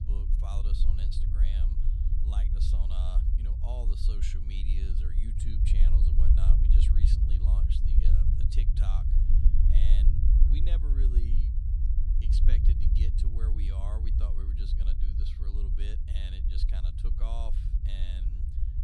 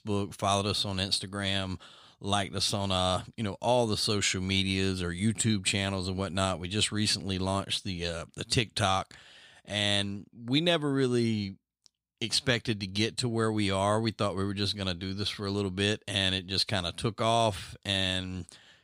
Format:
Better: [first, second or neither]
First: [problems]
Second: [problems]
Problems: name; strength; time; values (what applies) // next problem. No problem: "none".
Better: second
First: low rumble; loud; throughout; as loud as the speech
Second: none